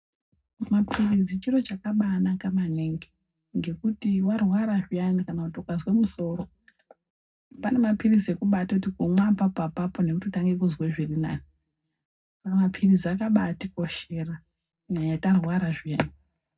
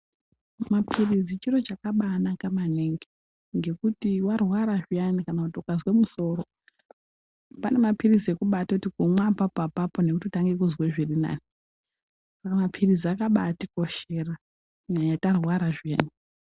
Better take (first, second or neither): second